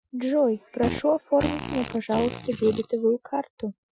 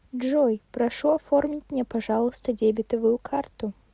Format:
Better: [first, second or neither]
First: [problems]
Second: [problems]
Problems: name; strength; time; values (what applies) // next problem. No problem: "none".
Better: second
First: noise reduction (classical method Wiener filter)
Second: none